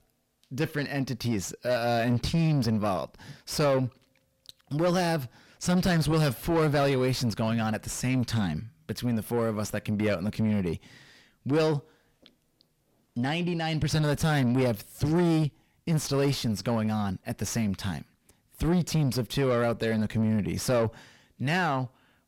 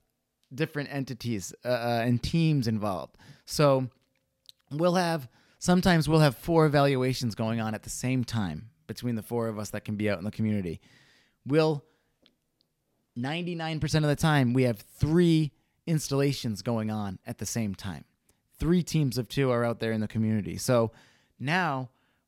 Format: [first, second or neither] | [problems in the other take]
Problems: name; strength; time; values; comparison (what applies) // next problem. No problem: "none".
second | distortion; heavy; 7 dB below the speech